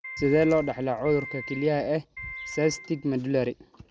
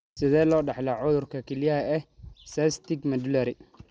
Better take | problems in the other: second | background sound (Piano); 13 dB below the speech

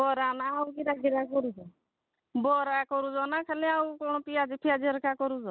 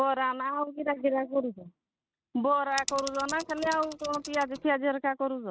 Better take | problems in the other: first | noise reduction (neural mask model RNNoise)

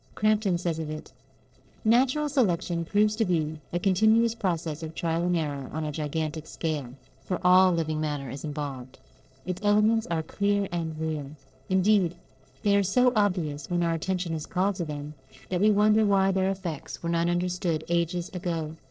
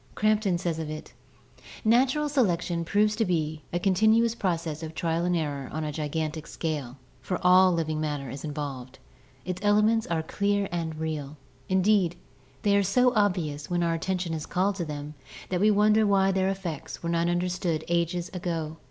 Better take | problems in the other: second | noise reduction (neural separator model SepFormer DNS4)

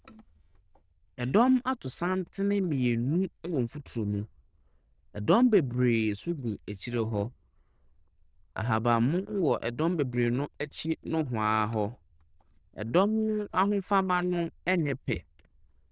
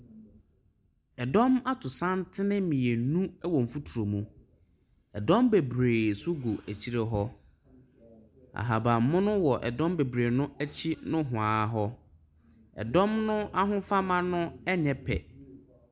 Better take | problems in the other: second | noise reduction (neural diffusion model UNIVERSE++)

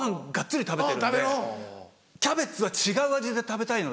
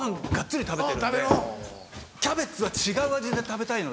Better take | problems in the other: first | background sound (Run); 6 dB below the speech

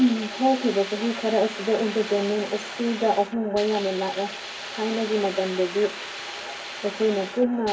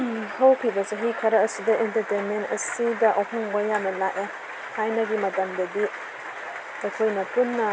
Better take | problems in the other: second | background sound (Hiss); 12 dB below the speech // room echo; dies away in 0.3 s

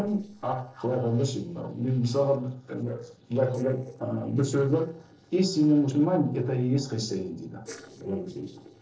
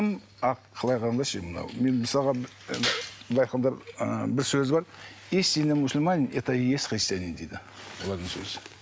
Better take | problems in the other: second | noise reduction (neural separator model SepFormer DNS4)

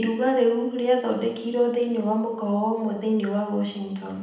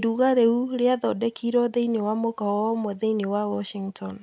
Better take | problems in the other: second | room echo; dies away in 0.8 s

